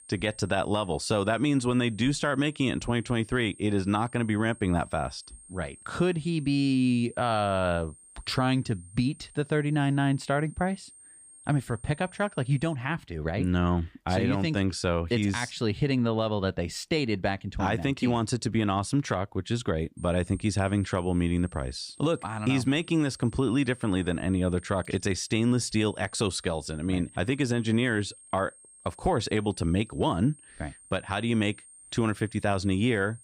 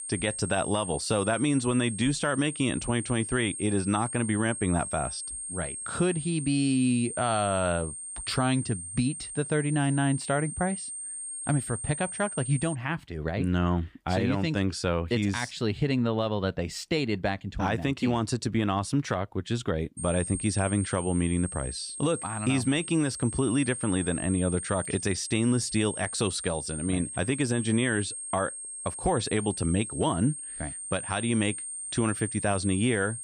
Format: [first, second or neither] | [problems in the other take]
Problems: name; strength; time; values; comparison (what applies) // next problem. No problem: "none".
first | high-pitched whine; loud; until 13 s and from 20 s on; 8.5 kHz, 7 dB below the speech; faint in the first